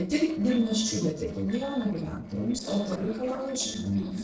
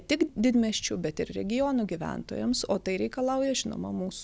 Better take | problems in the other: second | noise reduction (neural separator model SepFormer DNS4)

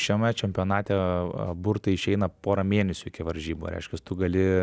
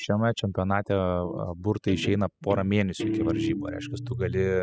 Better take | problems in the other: first | noise reduction (classical method spectral subtraction)

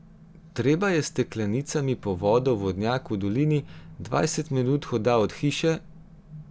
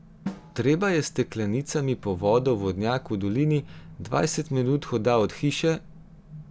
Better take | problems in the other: first | background sound (Drum); 19 dB below the speech

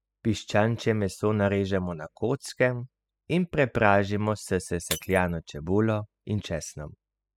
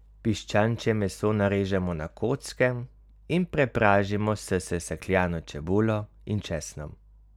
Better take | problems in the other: second | noise reduction (classical method spectral subtraction)

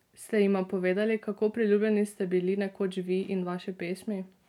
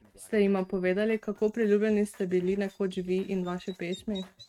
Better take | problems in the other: first | noise reduction (neural mask model RNNoise)

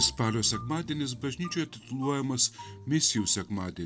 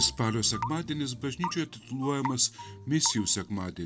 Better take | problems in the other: first | background sound (Raindrop / Drip / Water tap, faucet); 12 dB below the speech

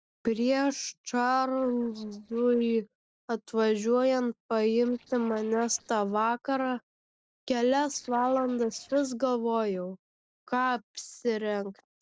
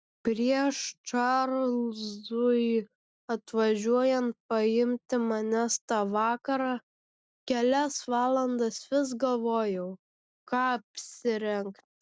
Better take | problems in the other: second | noise reduction (neural separator model SepFormer DNS4)

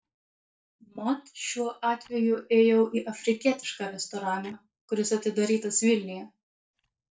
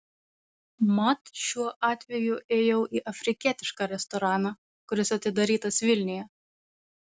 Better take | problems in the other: second | noise reduction (neural mask model DeepFilterNet 3)

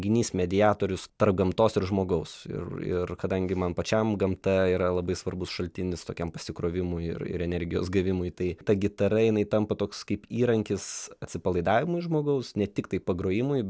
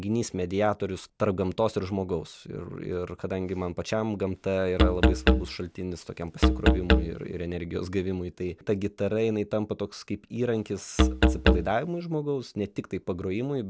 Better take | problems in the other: first | background sound (Musical instrument); 5 dB above the speech

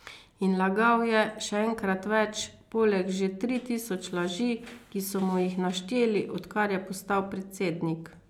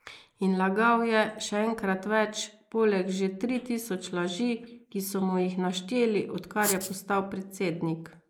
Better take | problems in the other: first | noise reduction (neural mask model Resemble Enhance denoiser)

